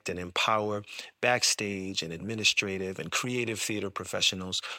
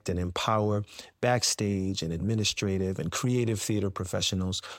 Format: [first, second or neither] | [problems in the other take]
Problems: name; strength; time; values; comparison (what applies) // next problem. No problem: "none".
second | thin; somewhat; fading below 750 Hz